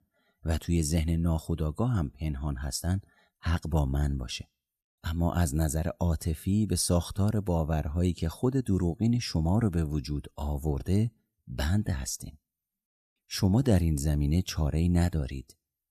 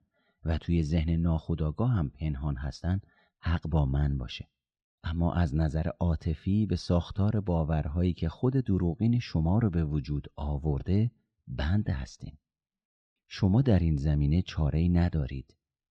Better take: first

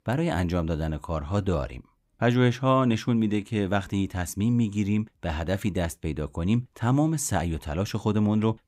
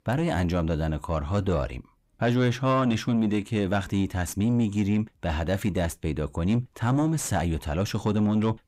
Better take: first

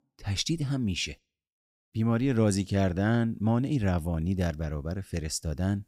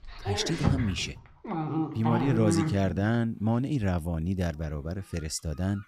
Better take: first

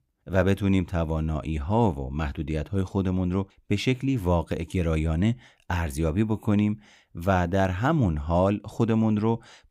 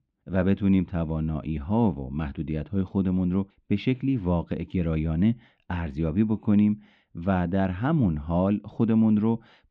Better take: first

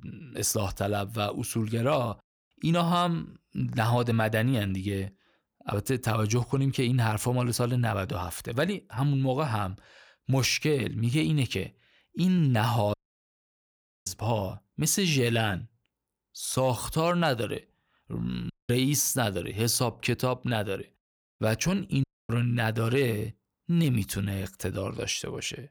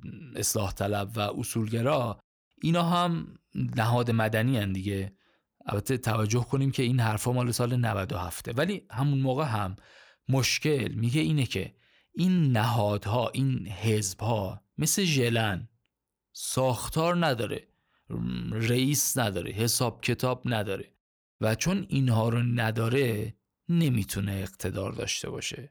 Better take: second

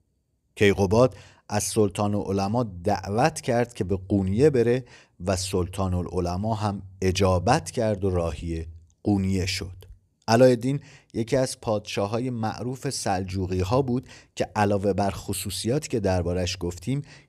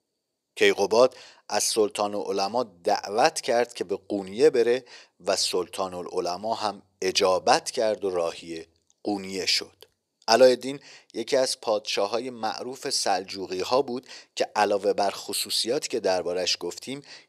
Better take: first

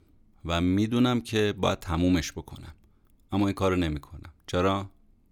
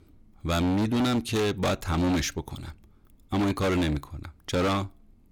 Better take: first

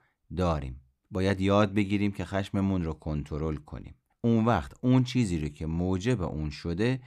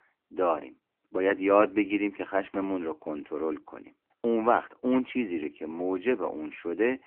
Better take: first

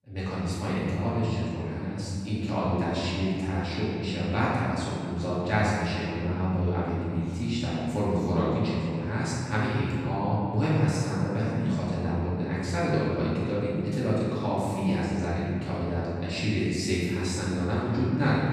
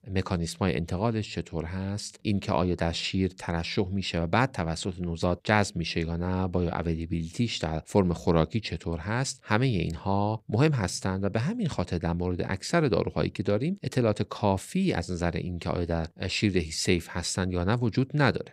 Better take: second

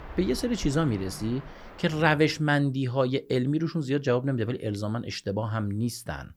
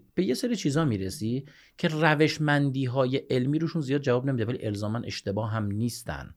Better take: second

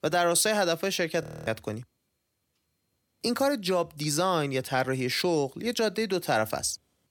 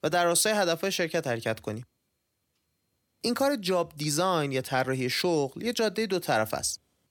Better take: second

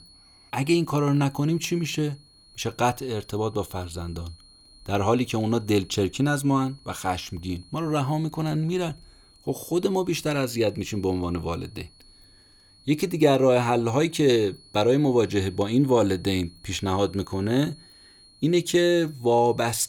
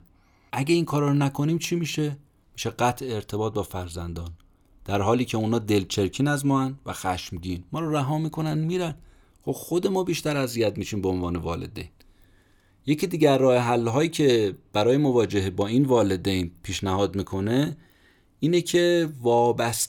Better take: second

